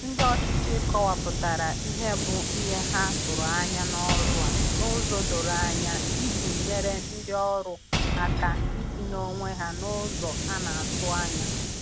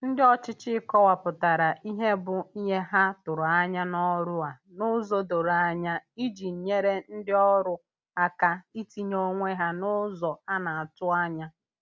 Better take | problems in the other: second | background sound (Shatter / Boom + Hiss); 4 dB above the speech

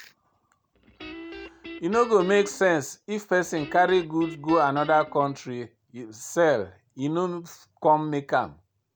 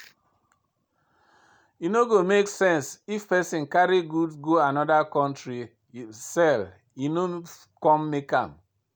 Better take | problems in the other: second | background sound (Guitar); 16 dB below the speech

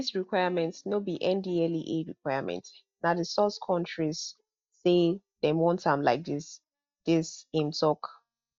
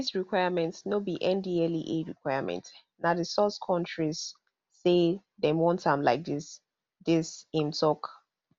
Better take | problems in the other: second | noise reduction (neural mask model DeepFilterNet 3)

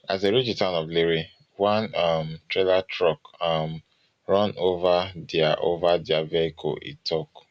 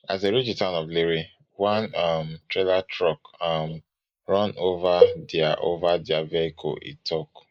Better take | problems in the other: first | noise reduction (neural mask model Resemble Enhance denoiser)

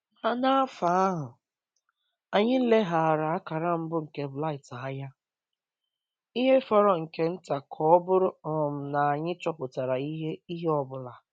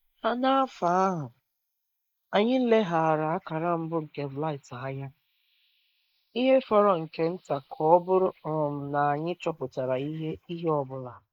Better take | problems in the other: first | noise reduction (neural mask model Resemble Enhance denoiser)

